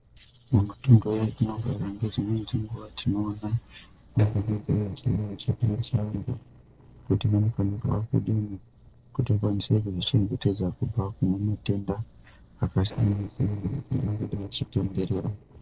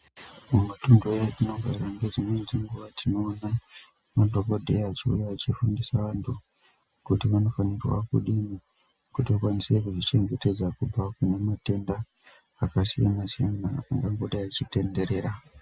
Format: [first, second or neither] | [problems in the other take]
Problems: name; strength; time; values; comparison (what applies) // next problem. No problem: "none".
second | noise reduction (neural separator model SepFormer DNS4)